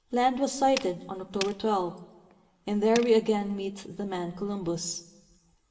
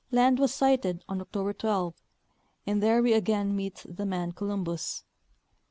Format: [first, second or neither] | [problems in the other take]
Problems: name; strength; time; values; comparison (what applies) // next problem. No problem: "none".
second | background sound (Tools); 15 dB below the speech // room echo; dies away in 0.9 s